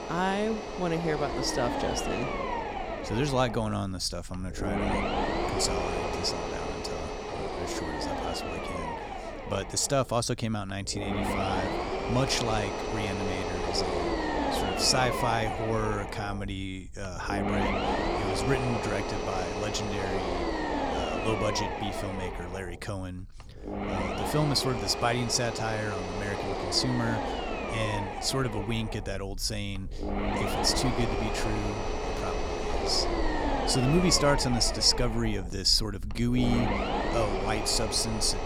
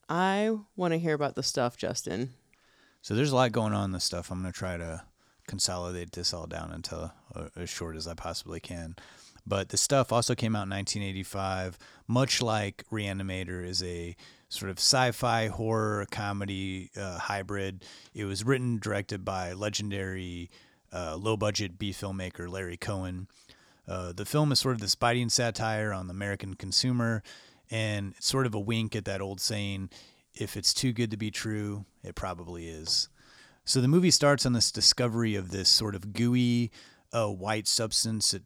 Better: second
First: low rumble; loud; throughout; 1 dB below the speech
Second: none

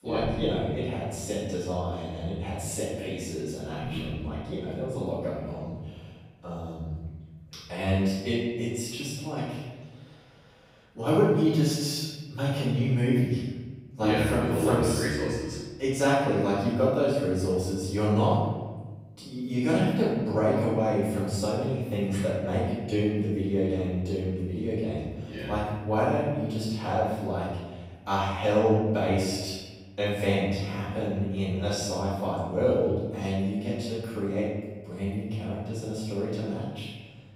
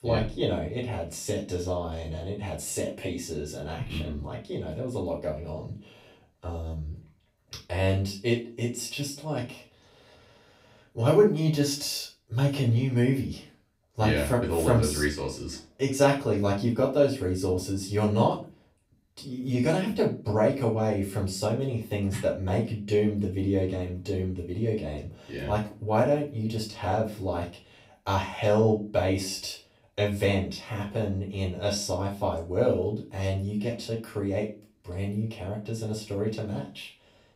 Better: second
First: room echo; strong; dies away in 1.3 s // off-mic speech; far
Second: room echo; slight; dies away in 0.3 s // off-mic speech; far

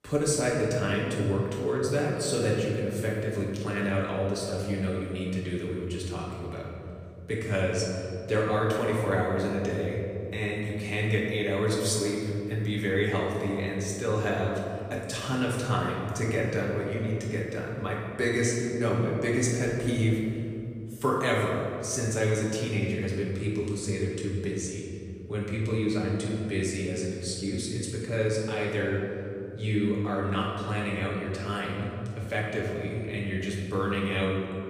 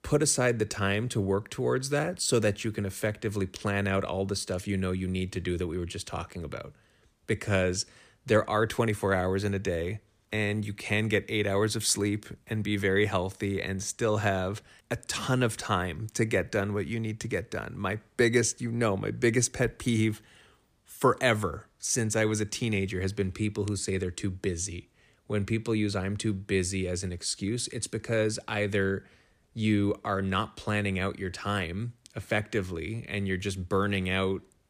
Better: second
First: off-mic speech; far // room echo; noticeable; dies away in 2.5 s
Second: none

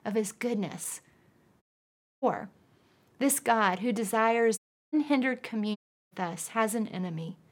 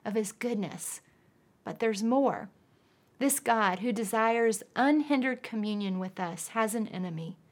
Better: second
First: audio cutting out; at 1.5 s for 0.5 s, at 4.5 s and at 6 s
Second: none

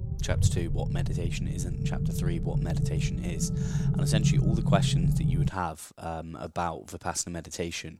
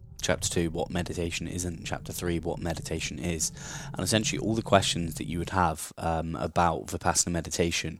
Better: second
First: low rumble; loud; until 5.5 s; 3 dB below the speech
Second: low rumble; faint; until 5.5 s; 25 dB below the speech

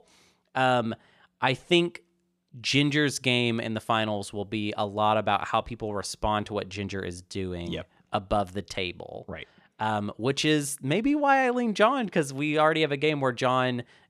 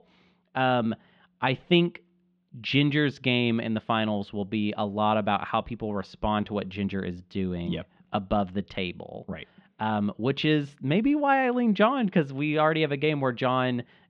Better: first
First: none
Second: muffled; slightly; fading above 3.5 kHz

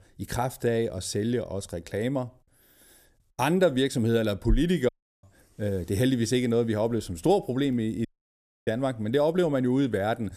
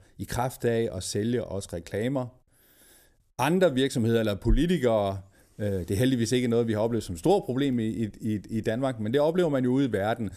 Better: second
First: audio cutting out; at 5 s and at 8 s for 0.5 s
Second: none

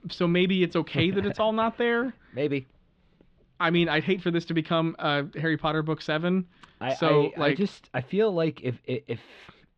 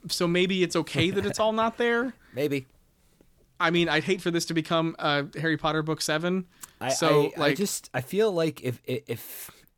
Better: second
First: muffled; slightly; fading above 3.5 kHz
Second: none

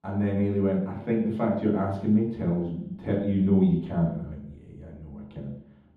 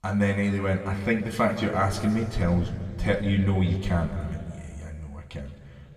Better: second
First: room echo; strong; dies away in 0.9 s // off-mic speech; far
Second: room echo; slight; dies away in 1.9 s // off-mic speech; somewhat distant

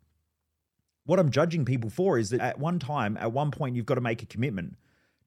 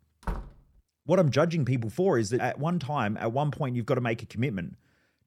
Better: first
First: none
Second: door banging; faint; at 0.5 s; peak 10 dB below the speech

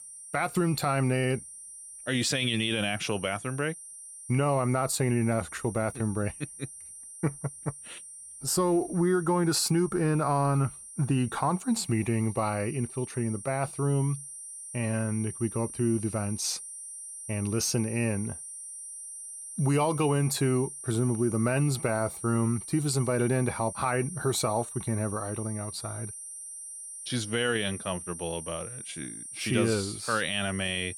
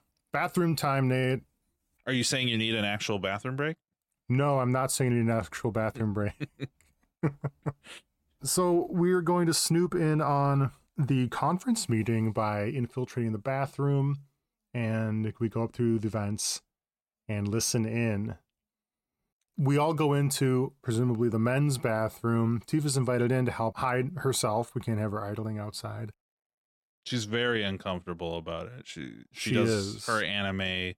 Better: second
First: high-pitched whine; noticeable; throughout; 9 kHz, 10 dB below the speech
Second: none

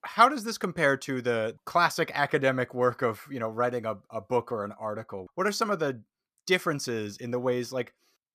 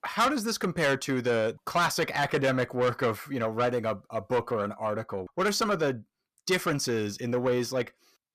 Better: first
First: none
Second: distortion; heavy; 7 dB below the speech

